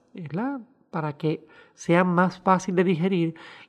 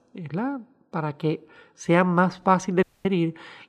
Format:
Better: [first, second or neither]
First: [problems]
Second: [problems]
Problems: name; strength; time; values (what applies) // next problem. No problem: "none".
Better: first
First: none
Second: audio cutting out; at 3 s